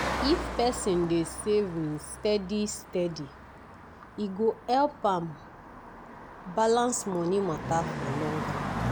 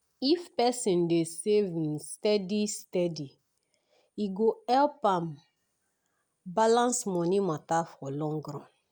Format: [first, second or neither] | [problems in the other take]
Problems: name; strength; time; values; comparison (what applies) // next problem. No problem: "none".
second | background sound (Car passing by); 7 dB below the speech